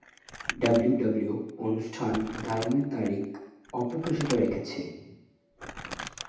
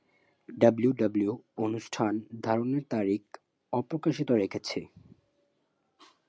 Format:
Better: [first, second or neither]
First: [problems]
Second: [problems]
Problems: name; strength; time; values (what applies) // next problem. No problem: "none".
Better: second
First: background sound (Crumpling, crinkling); 12 dB below the speech // room echo; dies away in 0.8 s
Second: none